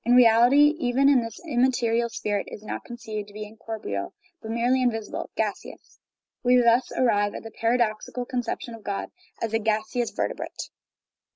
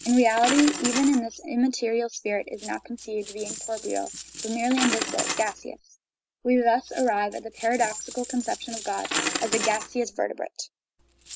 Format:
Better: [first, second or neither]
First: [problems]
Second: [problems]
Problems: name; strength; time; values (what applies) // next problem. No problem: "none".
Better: first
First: none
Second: background sound (Coin (dropping)); 7 dB below the speech